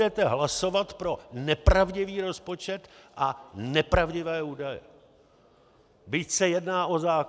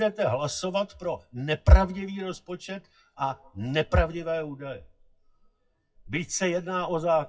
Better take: first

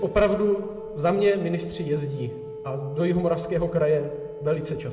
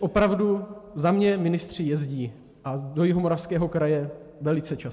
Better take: second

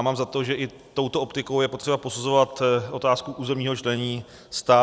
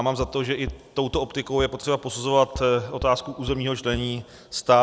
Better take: first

